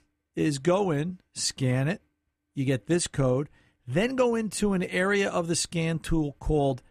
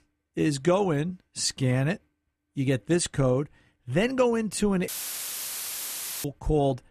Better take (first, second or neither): first